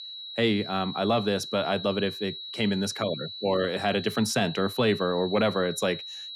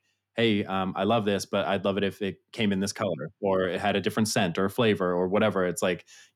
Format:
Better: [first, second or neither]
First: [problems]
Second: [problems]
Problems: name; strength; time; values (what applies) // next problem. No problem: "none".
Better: second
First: high-pitched whine; loud; throughout; 4 kHz, 9 dB below the speech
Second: none